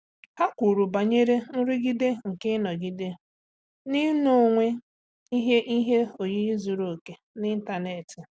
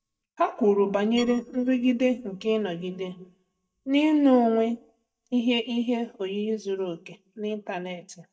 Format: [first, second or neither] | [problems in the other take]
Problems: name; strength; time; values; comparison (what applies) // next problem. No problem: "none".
first | noise reduction (neural mask model DeepFilterNet 3)